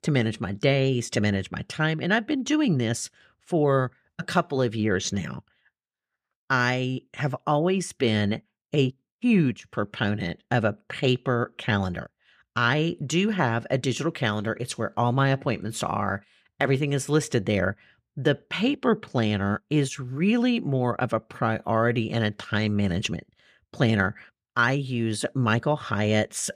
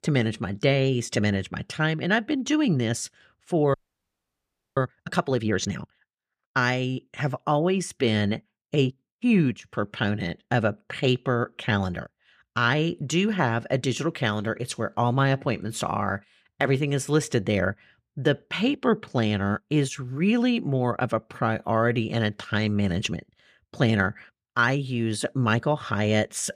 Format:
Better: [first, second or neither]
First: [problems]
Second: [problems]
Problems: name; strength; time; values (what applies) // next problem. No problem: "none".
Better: first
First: none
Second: audio freezing; at 3.5 s for 1 s